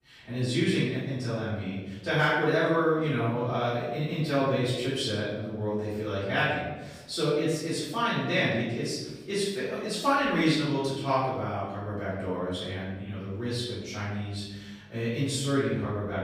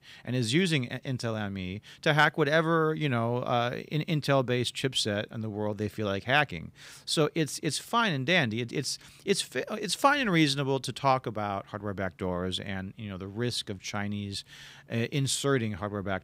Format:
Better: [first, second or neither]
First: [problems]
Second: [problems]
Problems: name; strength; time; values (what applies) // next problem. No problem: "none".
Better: second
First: off-mic speech; far // room echo; strong; dies away in 1.1 s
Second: none